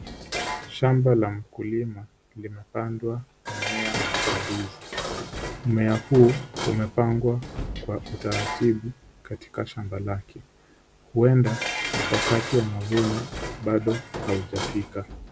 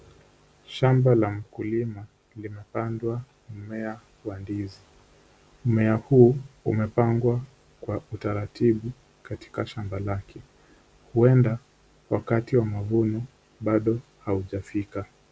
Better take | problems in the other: second | background sound (Dishes, pots, and pans); 7 dB below the speech

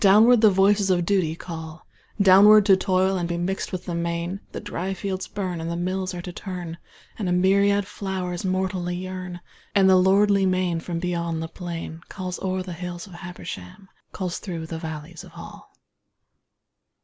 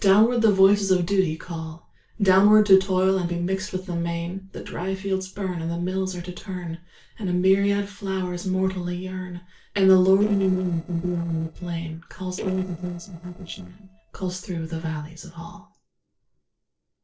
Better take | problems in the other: first | noise reduction (neural separator model SepFormer DNS4)

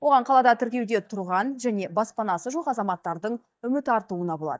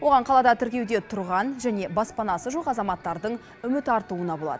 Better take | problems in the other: second | noise reduction (neural mask model DeepFilterNet 3)

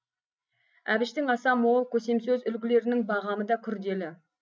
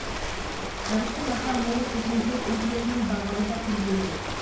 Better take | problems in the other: first | background sound (Ocean); 3 dB below the speech // room echo; dies away in 0.6 s

